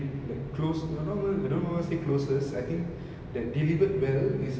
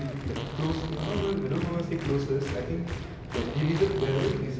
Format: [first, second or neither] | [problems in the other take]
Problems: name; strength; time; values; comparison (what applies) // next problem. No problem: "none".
first | background sound (Fart + Applause); 8 dB below the speech